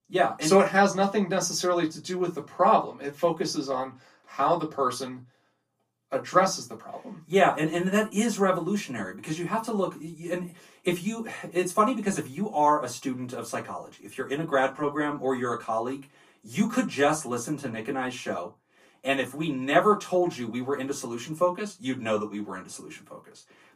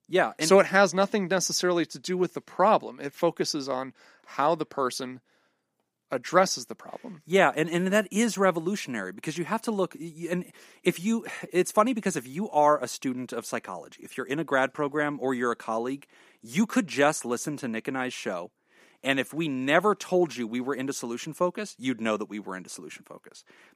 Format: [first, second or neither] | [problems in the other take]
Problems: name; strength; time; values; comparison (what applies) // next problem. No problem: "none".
second | off-mic speech; far // room echo; very slight; dies away in 0.2 s